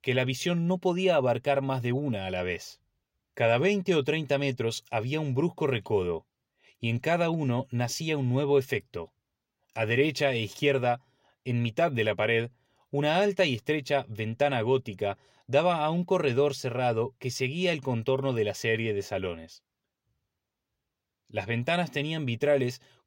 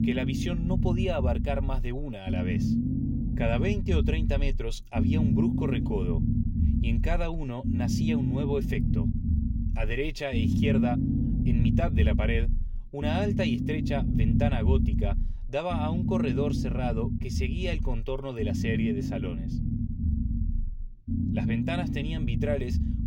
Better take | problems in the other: first | low rumble; loud; throughout; 3 dB below the speech

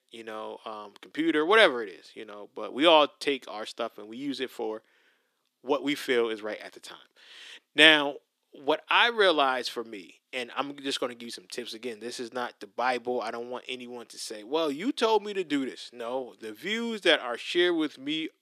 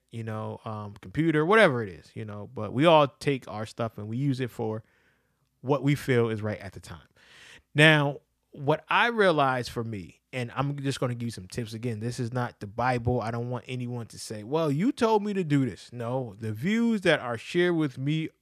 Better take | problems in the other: second | thin; somewhat; fading below 300 Hz

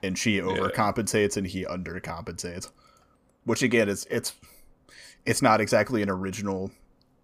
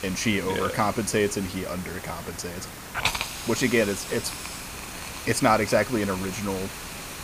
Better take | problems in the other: first | hiss; loud; throughout; 7 dB below the speech

